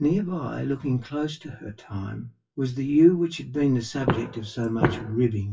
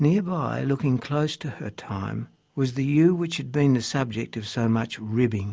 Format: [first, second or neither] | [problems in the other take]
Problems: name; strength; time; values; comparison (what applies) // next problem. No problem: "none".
second | noise reduction (classical method WPE with log-MMSE)